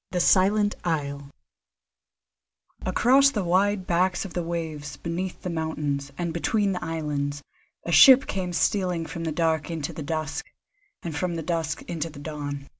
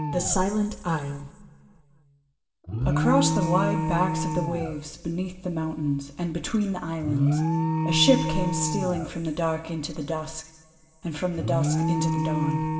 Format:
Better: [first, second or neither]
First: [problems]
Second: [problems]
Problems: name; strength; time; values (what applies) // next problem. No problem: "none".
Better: first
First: none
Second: background sound (Alarm); 1 dB below the speech // room echo; dies away in 2.9 s